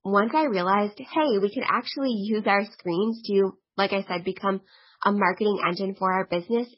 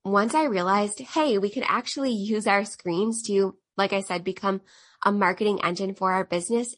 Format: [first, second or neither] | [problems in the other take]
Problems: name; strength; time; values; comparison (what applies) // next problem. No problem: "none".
second | garbled, watery; badly; nothing above 5.5 kHz; slightly in the second